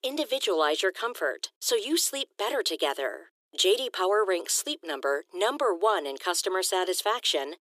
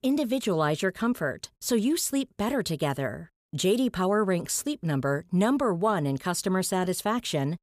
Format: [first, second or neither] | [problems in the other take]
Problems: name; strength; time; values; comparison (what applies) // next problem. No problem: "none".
second | thin; very; fading below 300 Hz